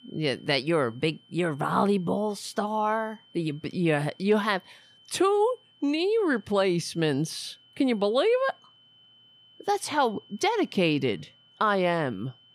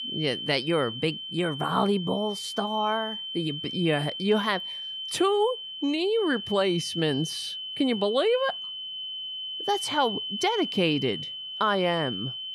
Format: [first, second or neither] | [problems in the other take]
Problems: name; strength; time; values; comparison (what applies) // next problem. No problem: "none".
first | high-pitched whine; loud; throughout; 3 kHz, 6 dB below the speech; faint in the first